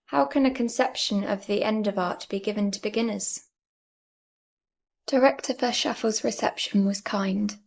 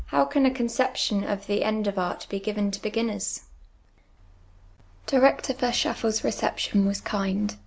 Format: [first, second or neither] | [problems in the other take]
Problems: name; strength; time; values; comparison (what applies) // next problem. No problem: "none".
second | noise reduction (neural mask model Resemble Enhance denoiser)